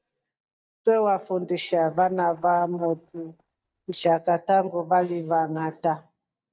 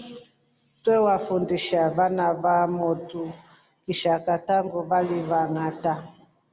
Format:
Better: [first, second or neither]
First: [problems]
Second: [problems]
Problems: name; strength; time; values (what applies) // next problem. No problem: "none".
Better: second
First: noise reduction (neural mask model DeepFilterNet 3)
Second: none